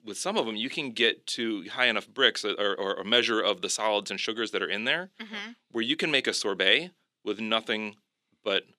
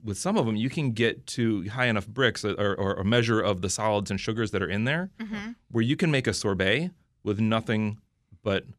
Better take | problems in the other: second | thin; somewhat; fading below 300 Hz

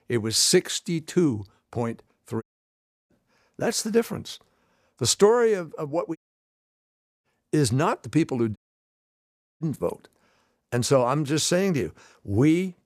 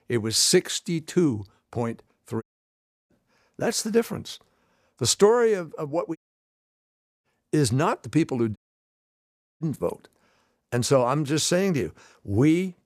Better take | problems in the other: neither | audio cutting out; at 2.5 s for 0.5 s, at 6 s for 1 s and at 8.5 s for 1 s; the same in both

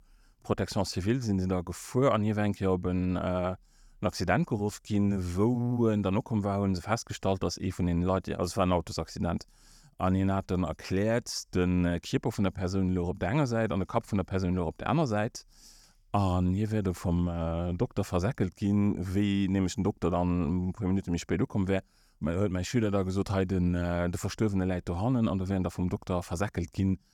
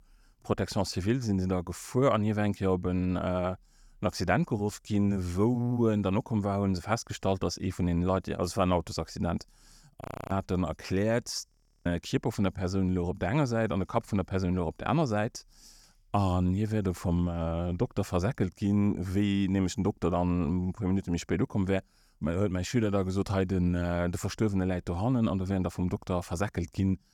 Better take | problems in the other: first | audio freezing; at 10 s and at 11 s

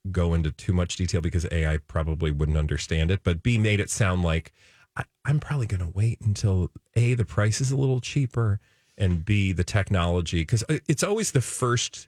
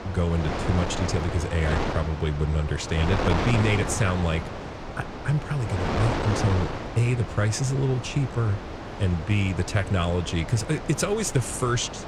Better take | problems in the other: first | wind noise on the microphone; heavy; 2 dB below the speech

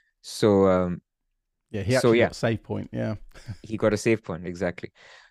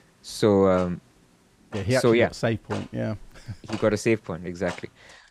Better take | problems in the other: first | household noises; noticeable; throughout; 20 dB below the speech

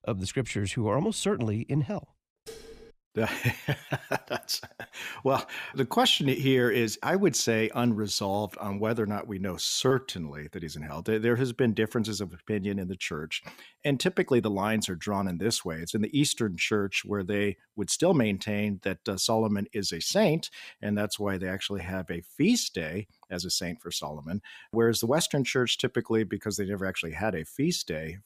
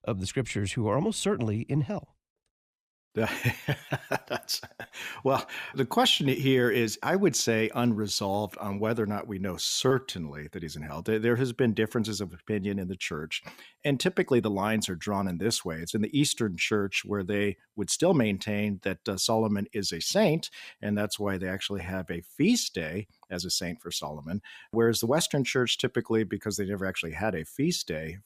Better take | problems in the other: second | clattering dishes; faint; at 2.5 s; peak 15 dB below the speech

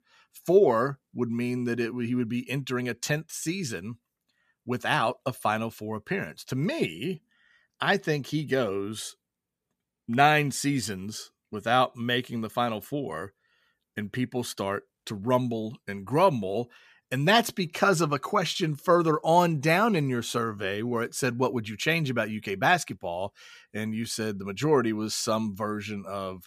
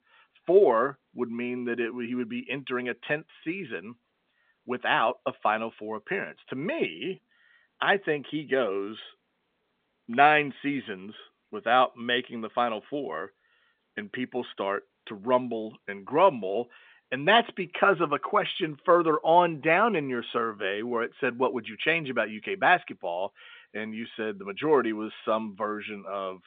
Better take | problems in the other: first | phone-call audio; nothing above 3.5 kHz

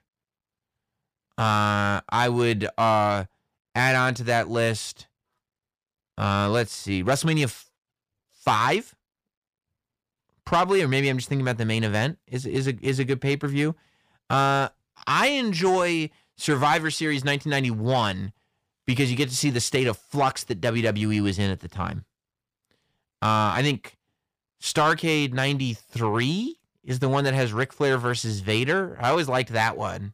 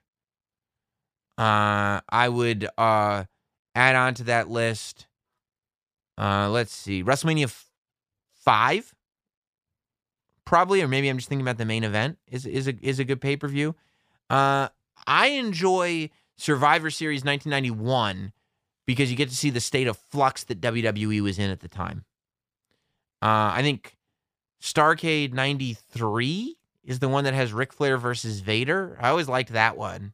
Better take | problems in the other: second | distortion; slight; 10 dB below the speech

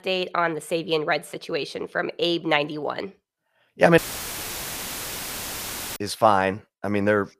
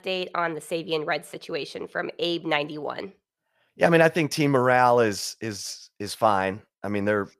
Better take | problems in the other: second | audio cutting out; filled with static; at 4 s for 2 s

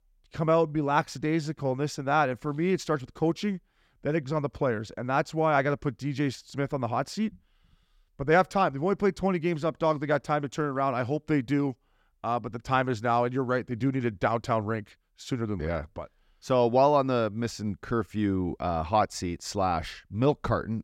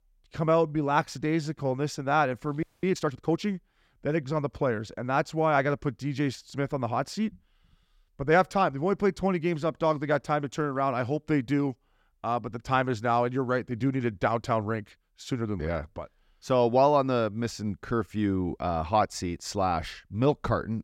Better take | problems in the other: first | audio freezing; at 2.5 s

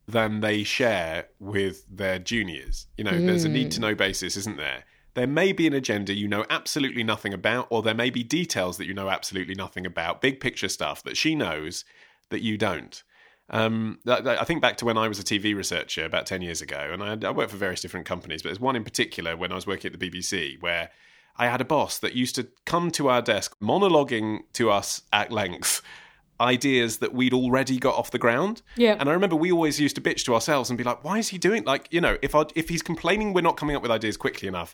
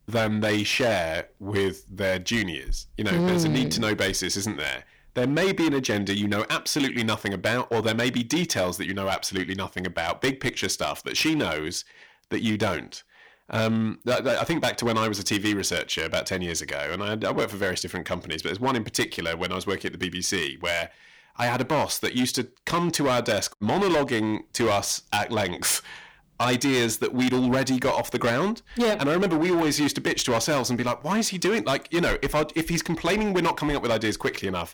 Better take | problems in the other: first | distortion; heavy; 11% of the sound clipped

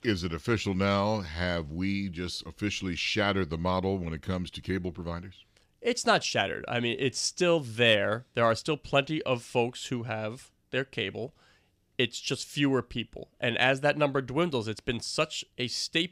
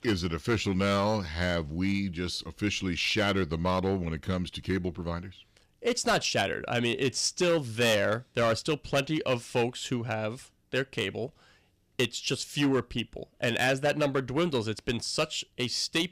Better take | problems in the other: first | distortion; slight; 5% of the sound clipped

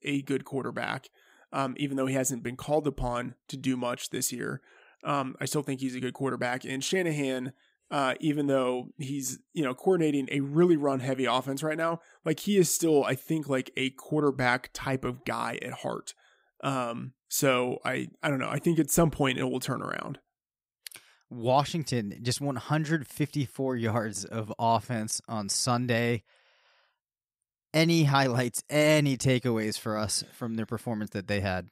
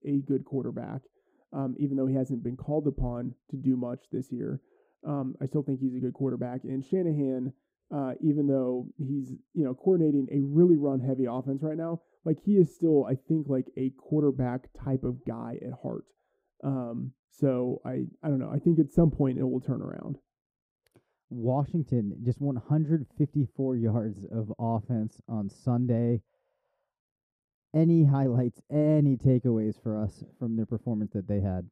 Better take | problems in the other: first | muffled; very; fading above 1 kHz

